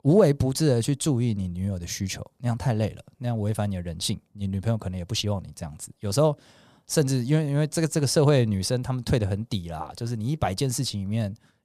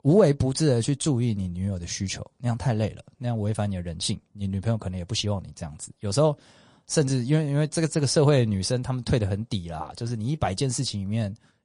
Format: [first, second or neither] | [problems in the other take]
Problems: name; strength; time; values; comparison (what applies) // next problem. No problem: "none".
first | garbled, watery; slightly; nothing above 10.5 kHz